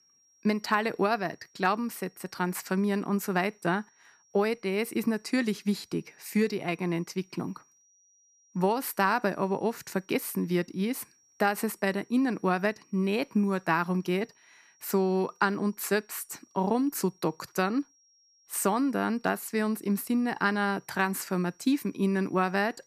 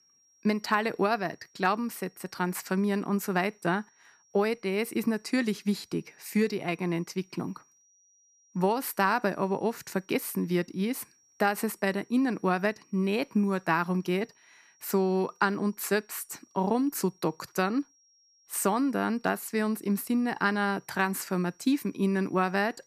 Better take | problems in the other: neither | high-pitched whine; faint; throughout; 5.5 kHz, 35 dB below the speech; the same in both

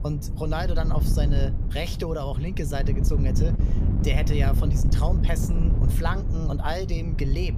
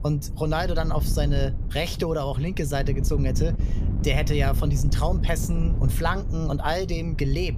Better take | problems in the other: second | wind noise on the microphone; heavy; 6 dB below the speech; occasional gusts in the second

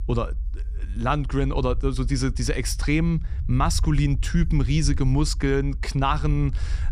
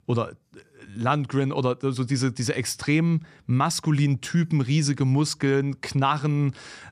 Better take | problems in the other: second | low rumble; faint; throughout; 25 dB below the speech

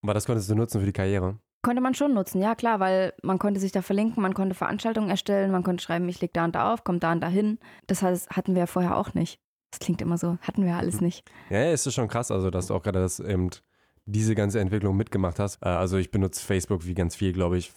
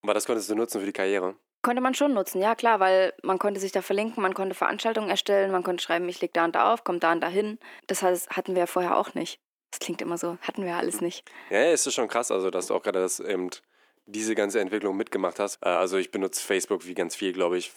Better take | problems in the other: first | thin; somewhat; fading below 300 Hz

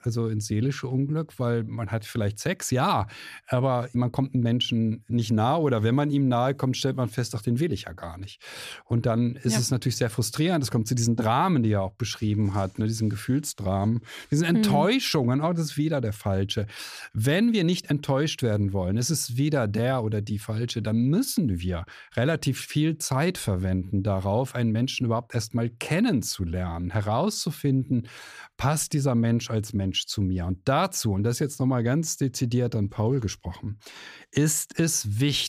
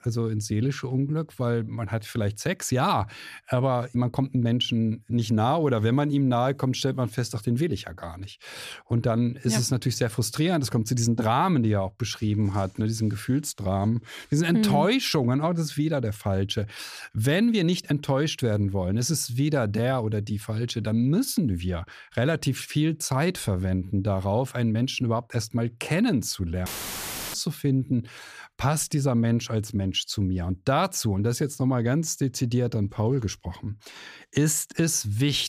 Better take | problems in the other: first | audio cutting out; filled with static; at 27 s for 0.5 s

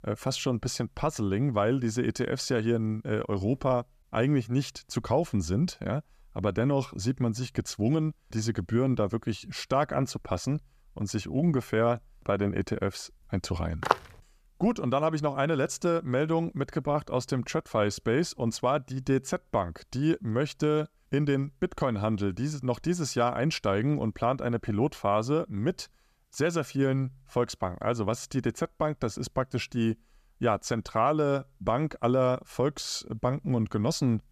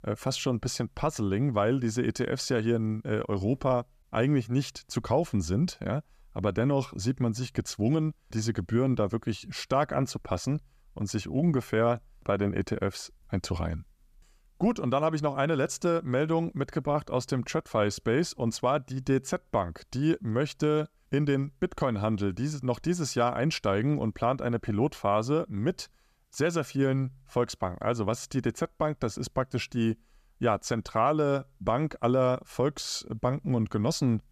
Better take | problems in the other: second | footsteps; loud; at 14 s; peak level with the speech

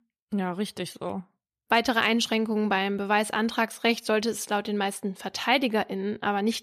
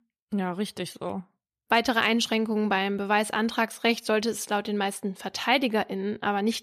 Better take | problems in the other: neither | none

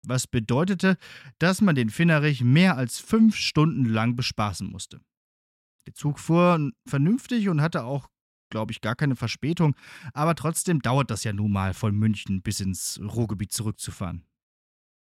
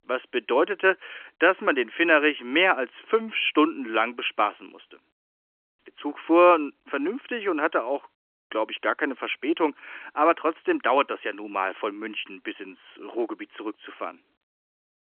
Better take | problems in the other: first | phone-call audio; nothing above 3 kHz

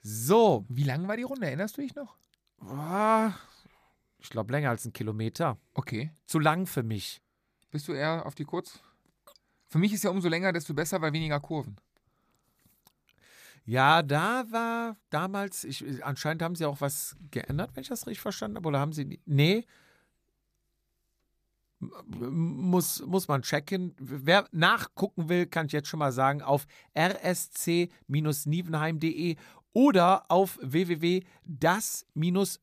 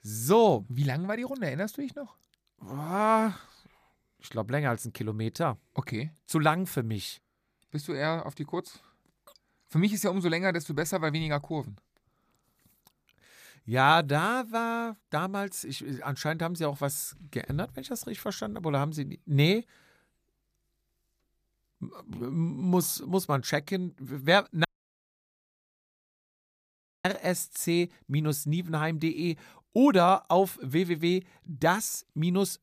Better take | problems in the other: first | audio cutting out; at 25 s for 2.5 s

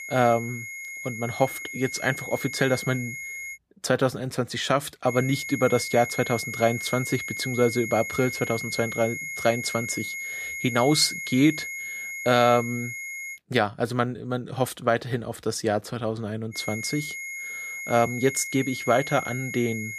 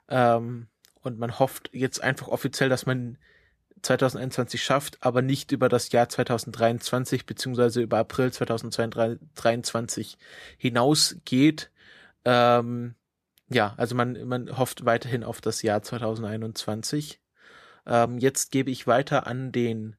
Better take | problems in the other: second | high-pitched whine; loud; until 3.5 s, from 5 to 13 s and from 17 s on; 2 kHz, 7 dB below the speech

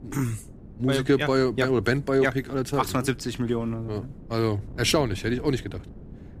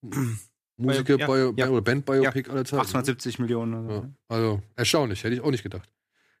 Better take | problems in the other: second | wind noise on the microphone; occasional gusts; 25 dB below the speech

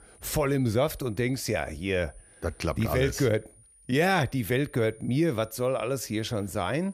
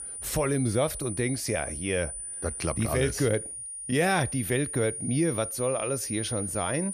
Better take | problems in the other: first | high-pitched whine; loud; throughout; 9.5 kHz, 5 dB below the speech; faint in the first

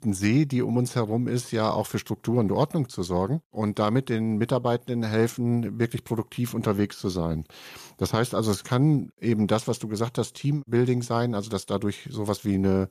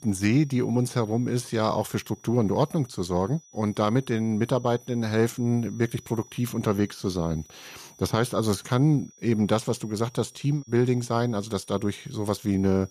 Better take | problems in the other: first | high-pitched whine; faint; throughout; 6 kHz, 25 dB below the speech

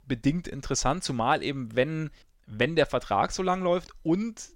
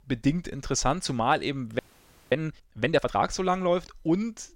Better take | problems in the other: first | audio freezing; at 2 s for 0.5 s

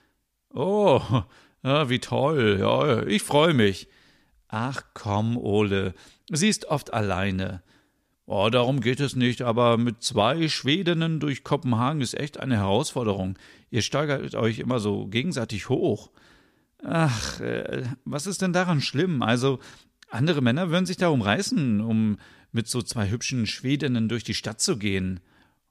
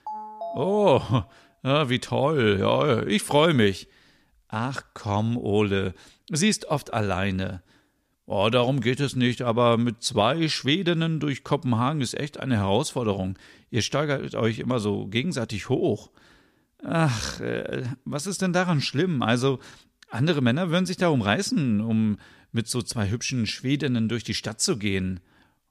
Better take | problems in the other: first | phone ringing; faint; until 1 s; peak 10 dB below the speech

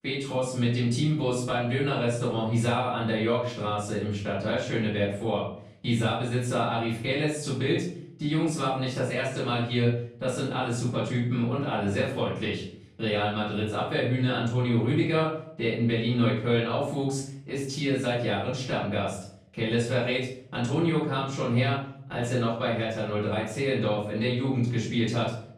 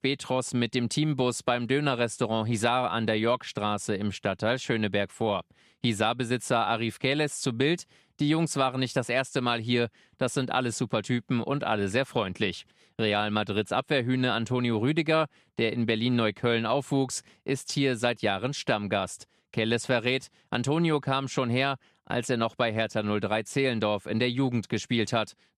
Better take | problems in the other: second | off-mic speech; far // room echo; noticeable; dies away in 0.6 s

